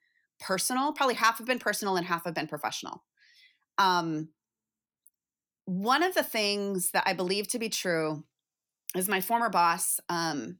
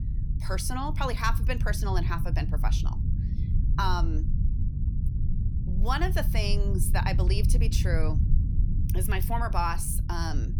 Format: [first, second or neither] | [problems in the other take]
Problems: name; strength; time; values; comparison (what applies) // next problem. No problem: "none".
first | low rumble; noticeable; throughout; 10 dB below the speech